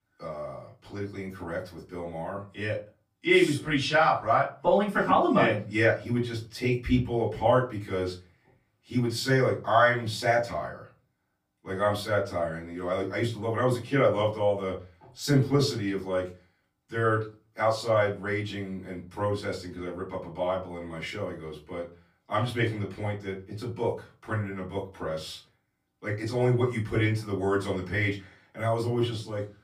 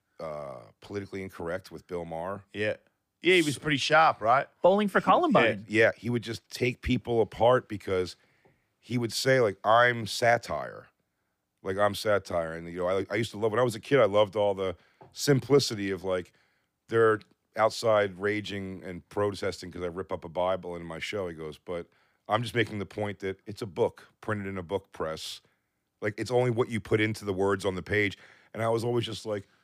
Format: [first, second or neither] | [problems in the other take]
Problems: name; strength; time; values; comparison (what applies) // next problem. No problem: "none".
second | off-mic speech; far // room echo; slight; dies away in 0.3 s